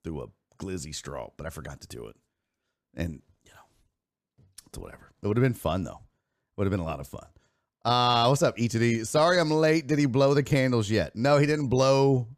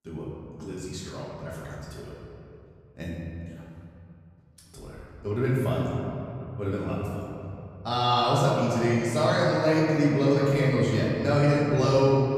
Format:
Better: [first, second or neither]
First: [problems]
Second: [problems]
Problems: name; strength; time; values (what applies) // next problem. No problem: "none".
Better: first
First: none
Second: room echo; noticeable; dies away in 2.6 s // off-mic speech; far